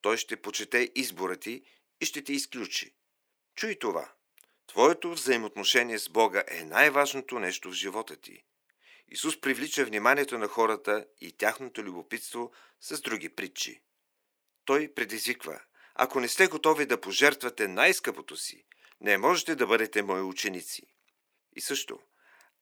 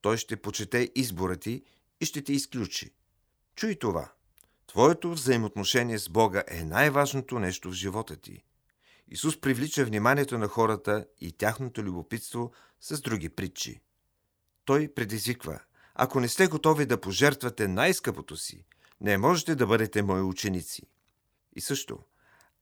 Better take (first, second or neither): second